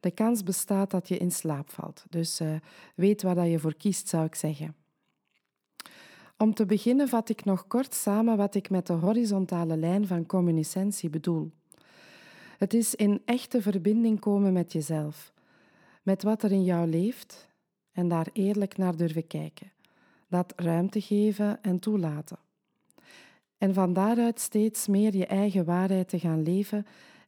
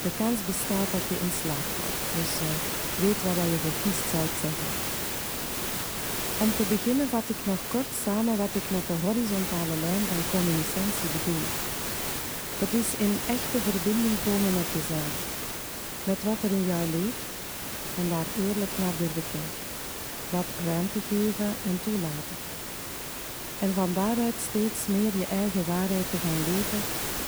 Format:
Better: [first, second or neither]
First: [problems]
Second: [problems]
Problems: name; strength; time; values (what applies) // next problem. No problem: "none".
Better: first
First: none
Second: hiss; loud; throughout; 1 dB below the speech